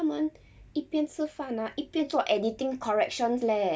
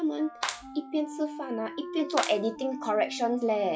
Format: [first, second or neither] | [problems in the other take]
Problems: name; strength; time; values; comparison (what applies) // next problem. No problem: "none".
first | noise reduction (classical method log-MMSE)